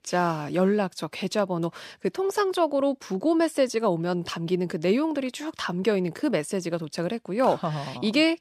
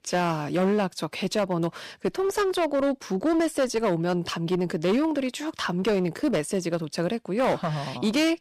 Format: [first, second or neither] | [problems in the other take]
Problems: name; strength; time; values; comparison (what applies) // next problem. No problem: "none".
first | distortion; slight; 12% of the sound clipped